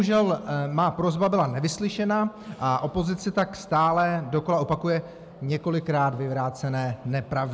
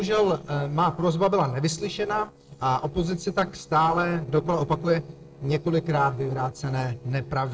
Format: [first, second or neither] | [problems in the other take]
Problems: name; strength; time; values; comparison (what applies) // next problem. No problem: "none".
first | noise reduction (neural separator model SepFormer DNS4)